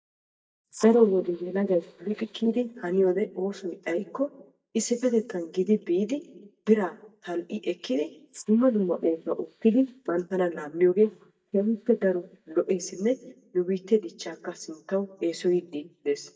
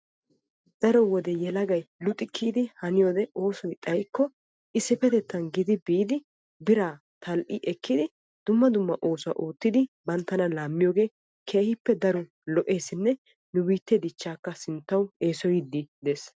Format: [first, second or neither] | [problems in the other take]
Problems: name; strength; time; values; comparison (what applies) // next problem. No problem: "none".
second | noise reduction (neural mask model DeepFilterNet 3)